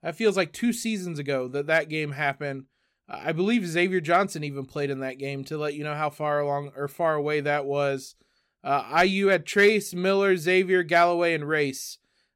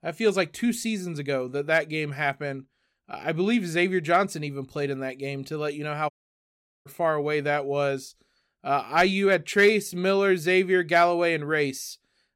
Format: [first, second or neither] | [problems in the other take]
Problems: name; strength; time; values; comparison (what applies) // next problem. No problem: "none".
first | audio cutting out; at 6 s for 1 s